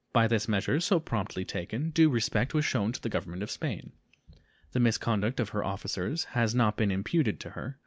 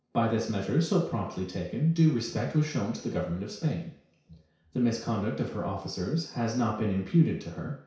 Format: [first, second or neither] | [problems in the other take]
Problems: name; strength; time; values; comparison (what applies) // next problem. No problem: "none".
first | room echo; dies away in 0.6 s